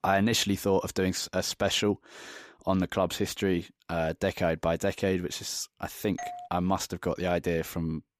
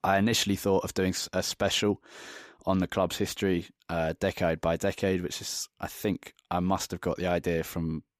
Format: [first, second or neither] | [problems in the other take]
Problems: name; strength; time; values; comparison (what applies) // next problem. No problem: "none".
second | doorbell; faint; at 6 s; peak 10 dB below the speech